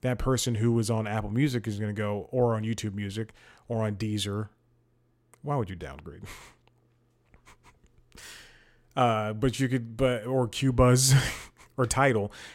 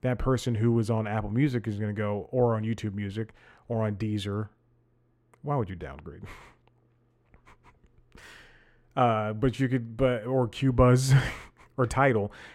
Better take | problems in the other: first | muffled; slightly; fading above 3.5 kHz

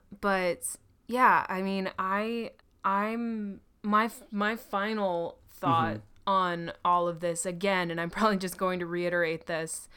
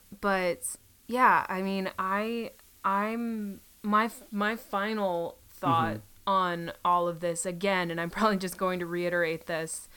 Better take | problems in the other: first | hiss; faint; throughout; 25 dB below the speech

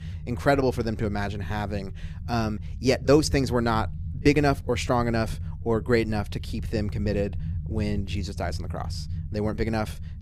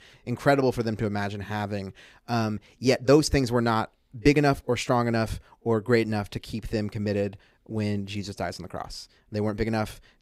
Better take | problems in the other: second | low rumble; faint; throughout; 20 dB below the speech

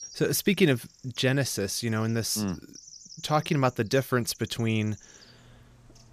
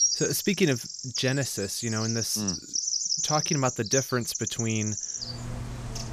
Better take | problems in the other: first | animal sounds; loud; throughout; 1 dB below the speech; faint in the first

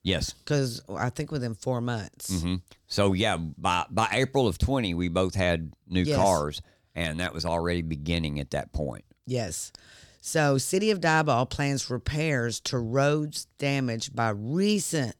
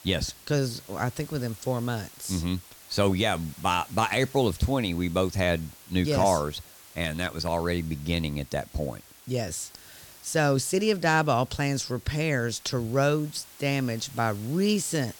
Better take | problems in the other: first | hiss; noticeable; throughout; 20 dB below the speech

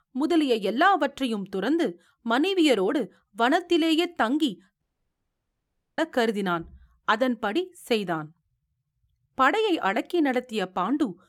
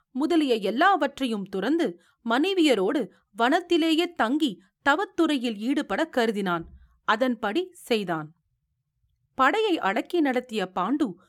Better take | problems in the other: second | audio cutting out; at 5 s for 1 s

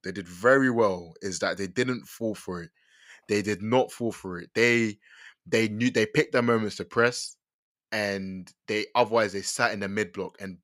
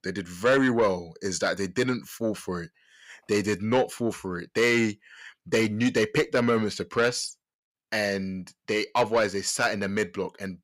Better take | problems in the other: first | distortion; slight; 10 dB below the speech

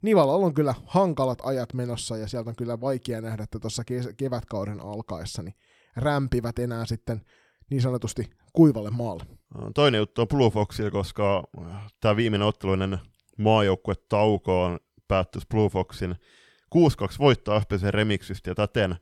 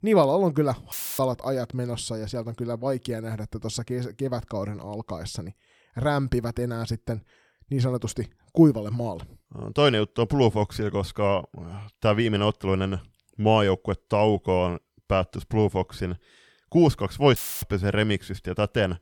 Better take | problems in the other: first | audio cutting out; filled with static; at 1 s and at 17 s

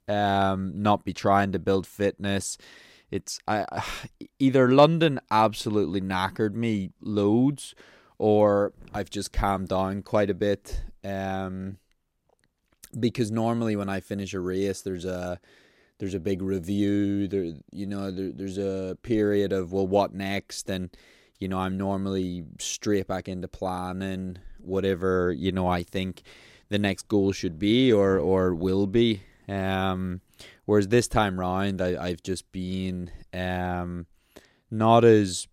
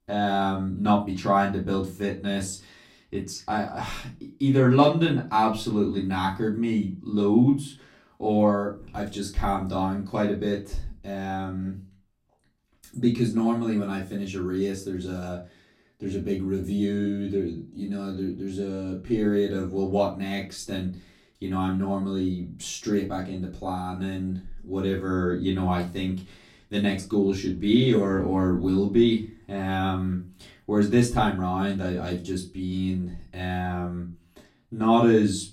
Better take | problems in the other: first | off-mic speech; far // room echo; very slight; dies away in 0.3 s

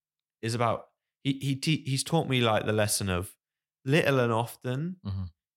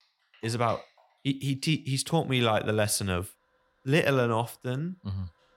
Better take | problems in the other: first | household noises; faint; throughout; 30 dB below the speech

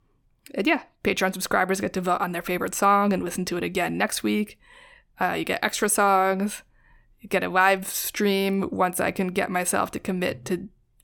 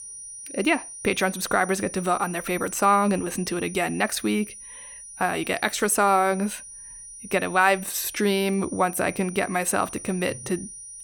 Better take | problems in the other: first | high-pitched whine; noticeable; throughout; 9.5 kHz, 15 dB below the speech

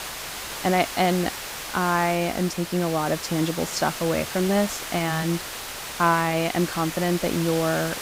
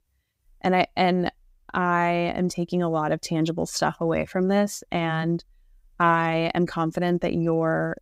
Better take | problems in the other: second | hiss; loud; throughout; 7 dB below the speech

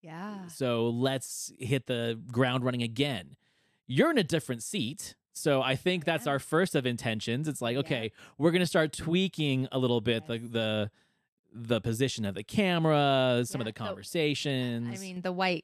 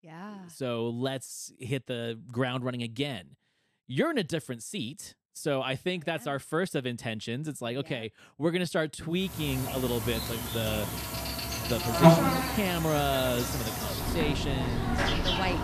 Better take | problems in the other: first | animal sounds; very loud; from 9.5 s on; 3 dB above the speech

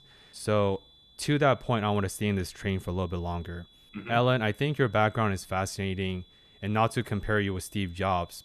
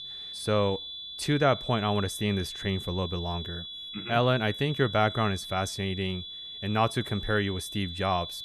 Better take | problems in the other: first | high-pitched whine; loud; throughout; 3.5 kHz, 9 dB below the speech; faint in the first

